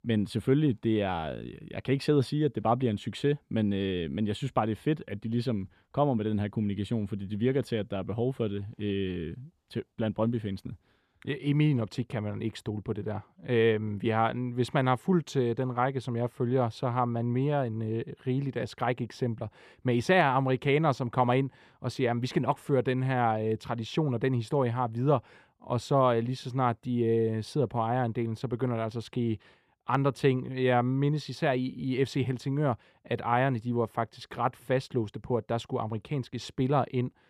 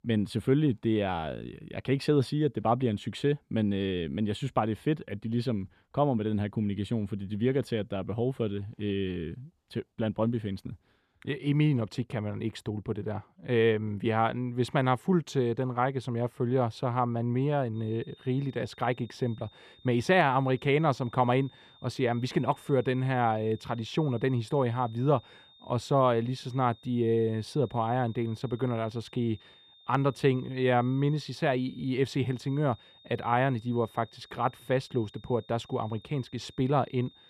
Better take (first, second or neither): first